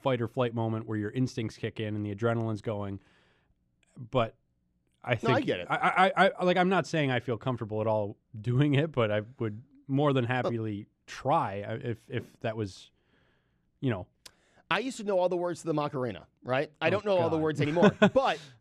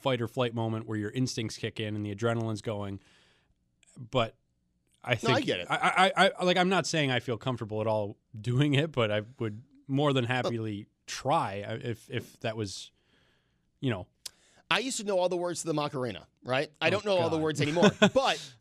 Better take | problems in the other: second | muffled; slightly; fading above 3 kHz

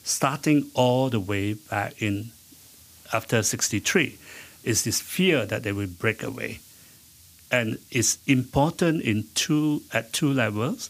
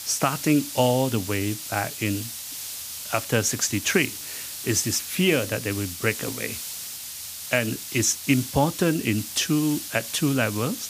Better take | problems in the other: first | hiss; loud; throughout; 8 dB below the speech; faint in the first

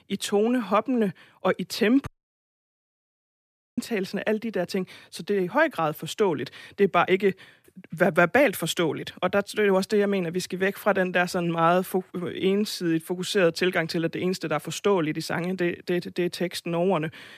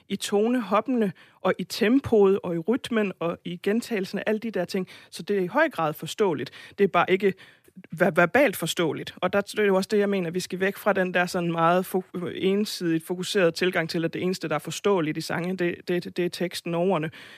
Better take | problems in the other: second | audio cutting out; at 2 s for 1.5 s

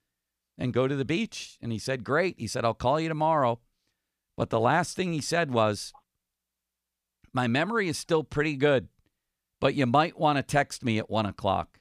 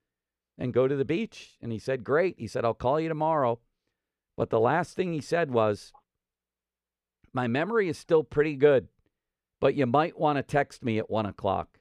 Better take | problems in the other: first | muffled; slightly; fading above 3.5 kHz

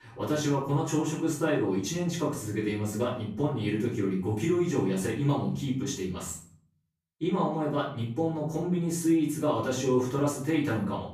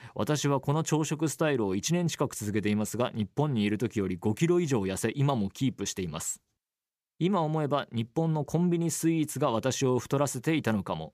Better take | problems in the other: second | room echo; noticeable; dies away in 0.4 s // off-mic speech; far

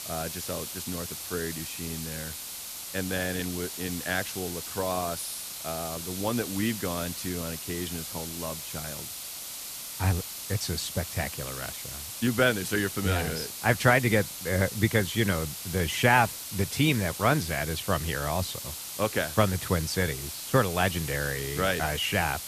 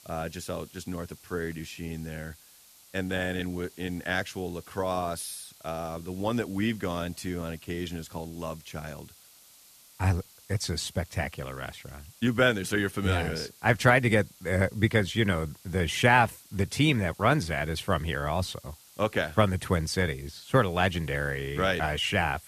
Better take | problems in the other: second | hiss; loud; throughout; 7 dB below the speech; faint in the second

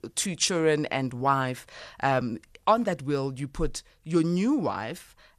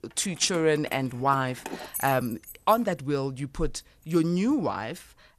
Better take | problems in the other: first | jangling keys; noticeable; until 4.5 s; peak 7 dB below the speech

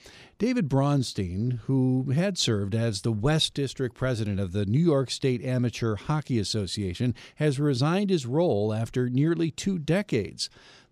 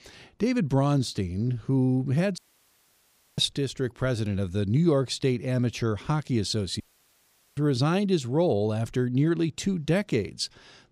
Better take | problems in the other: first | audio cutting out; at 2.5 s for 1 s and at 7 s for 1 s

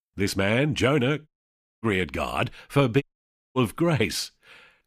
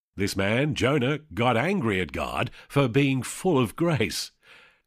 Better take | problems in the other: second | audio cutting out; at 1.5 s for 0.5 s and at 3 s for 0.5 s

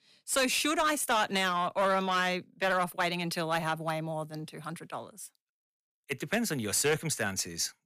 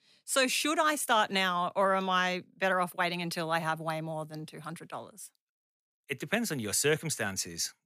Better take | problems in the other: second | distortion; slight; 5% of the sound clipped

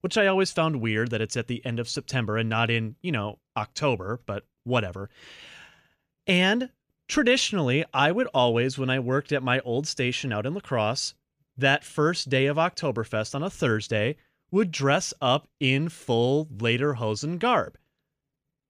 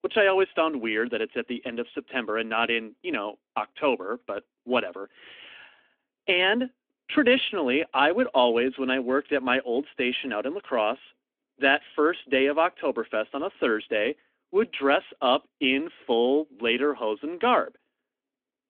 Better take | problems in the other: first | phone-call audio; nothing above 3.5 kHz

